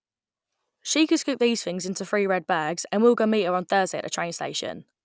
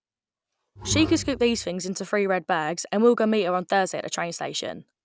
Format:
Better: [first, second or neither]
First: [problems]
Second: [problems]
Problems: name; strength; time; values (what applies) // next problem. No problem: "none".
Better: first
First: none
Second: background sound (Bowed string instrument); 9 dB below the speech